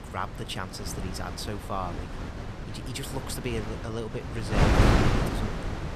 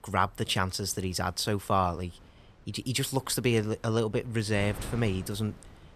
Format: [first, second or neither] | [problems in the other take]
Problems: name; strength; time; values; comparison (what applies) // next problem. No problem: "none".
second | wind noise on the microphone; heavy; 4 dB above the speech; occasional gusts in the second